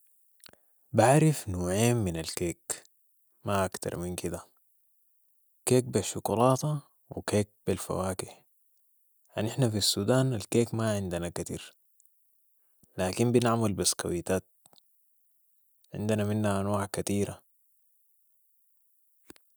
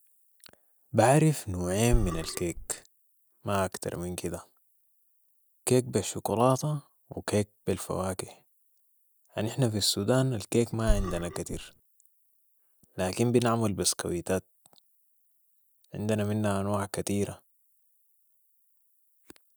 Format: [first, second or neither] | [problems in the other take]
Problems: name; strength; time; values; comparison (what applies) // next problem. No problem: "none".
first | background sound (Burping, eructation); 1 dB below the speech